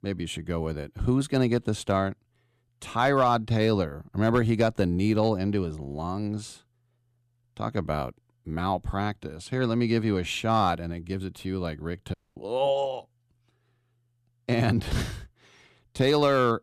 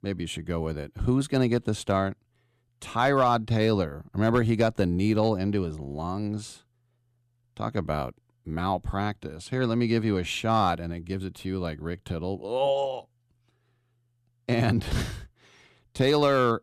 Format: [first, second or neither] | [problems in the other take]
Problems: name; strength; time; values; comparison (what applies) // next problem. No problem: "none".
second | audio cutting out; at 12 s